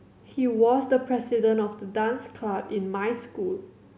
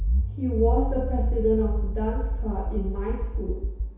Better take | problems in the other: first | background sound (Accelerating, revving, vroom); 3 dB above the speech // room echo; dies away in 0.7 s

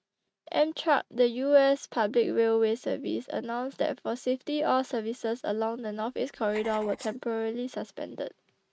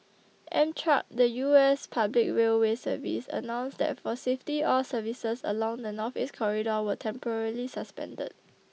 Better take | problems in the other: second | noise reduction (neural mask model RNNoise)

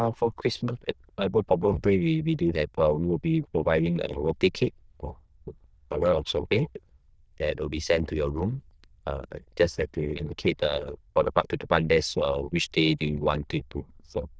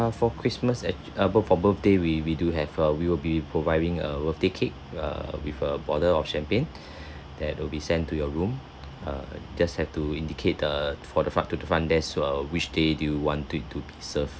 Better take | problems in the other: second | noise reduction (neural diffusion model UNIVERSE++)

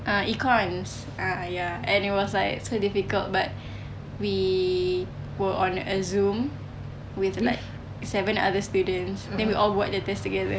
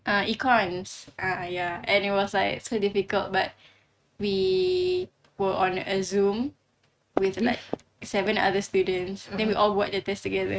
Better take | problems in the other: first | noise reduction (neural mask model RNNoise)

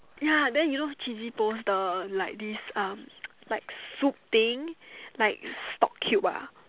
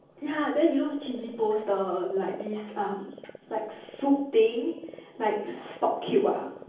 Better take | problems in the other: first | background sound (Frog); 19 dB below the speech // room echo; dies away in 0.7 s

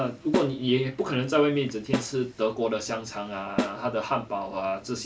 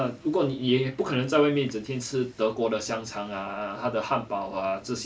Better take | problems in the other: second | background sound (Snare drum); 7 dB below the speech

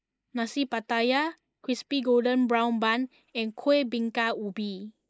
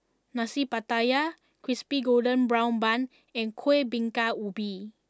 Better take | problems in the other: second | noise reduction (neural mask model Resemble Enhance denoiser)

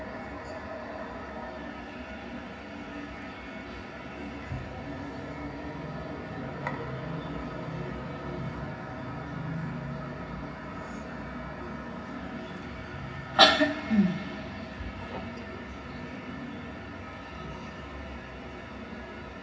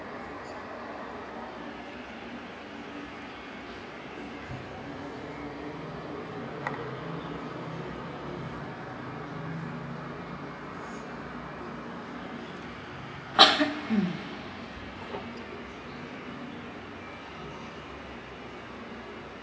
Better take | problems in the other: second | room echo; dies away in 0.4 s

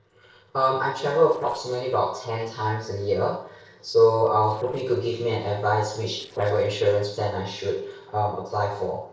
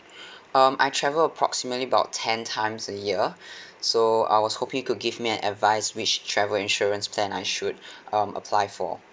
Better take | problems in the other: second | noise reduction (neural separator model SepFormer DNS4)

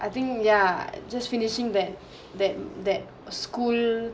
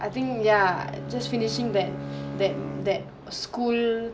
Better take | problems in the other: first | background sound (Bowed string instrument); 10 dB below the speech

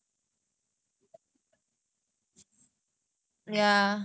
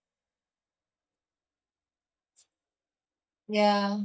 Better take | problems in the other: first | noise reduction (neural mask model DeepFilterNet 3)

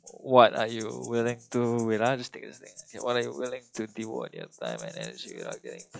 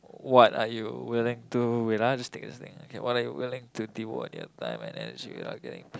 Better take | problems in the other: second | noise reduction (classical method log-MMSE)

